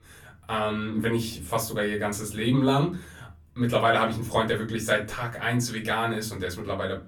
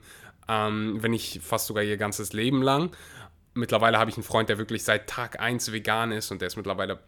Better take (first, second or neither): second